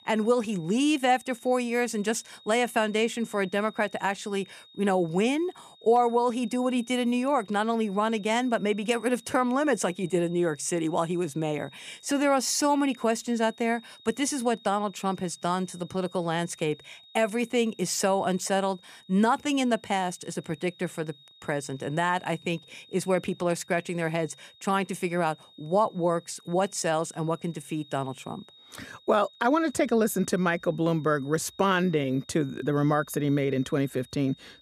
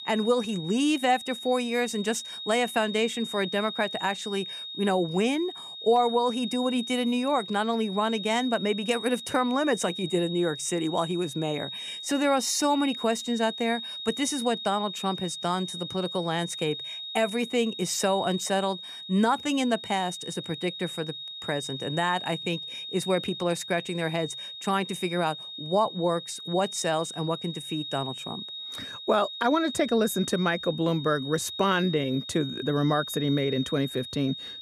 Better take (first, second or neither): first